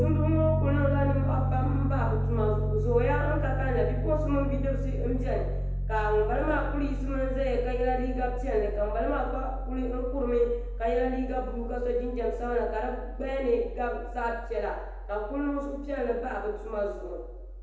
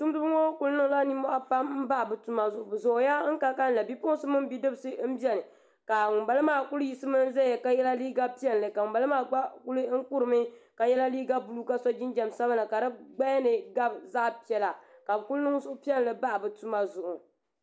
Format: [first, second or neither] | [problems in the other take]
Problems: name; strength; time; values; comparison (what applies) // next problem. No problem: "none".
second | background sound (Piano); as loud as the speech // room echo; dies away in 0.9 s